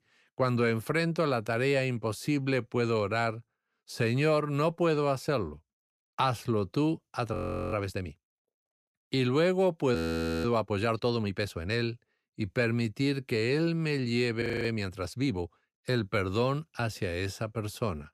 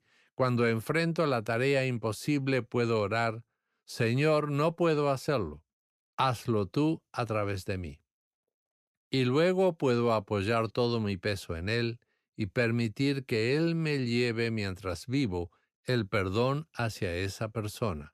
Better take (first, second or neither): second